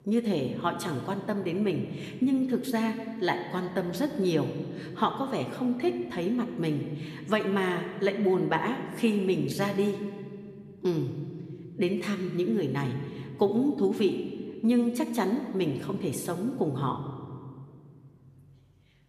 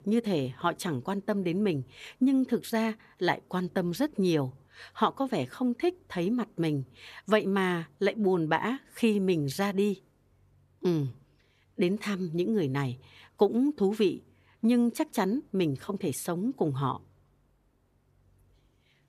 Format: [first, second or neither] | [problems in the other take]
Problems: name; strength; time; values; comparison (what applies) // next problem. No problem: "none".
second | room echo; slight; dies away in 1.7 s